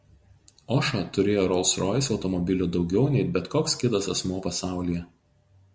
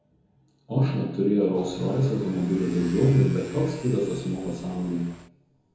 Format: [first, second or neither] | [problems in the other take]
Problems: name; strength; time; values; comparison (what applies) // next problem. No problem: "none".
first | background sound (Motorcycle / Accelerating, revving, vroom); 18 dB below the speech // room echo; dies away in 2.1 s